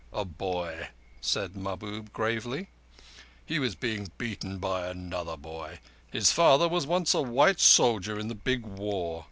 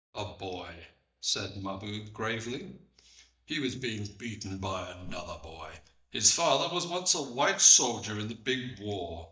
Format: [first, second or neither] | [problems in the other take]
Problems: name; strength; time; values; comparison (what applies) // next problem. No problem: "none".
first | noise reduction (neural mask model DeepFilterNet 3)